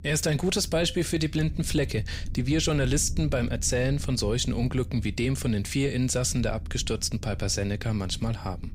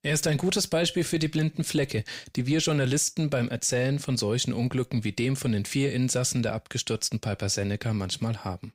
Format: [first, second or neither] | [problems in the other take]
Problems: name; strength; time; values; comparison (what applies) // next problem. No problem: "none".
second | low rumble; faint; throughout; 25 dB below the speech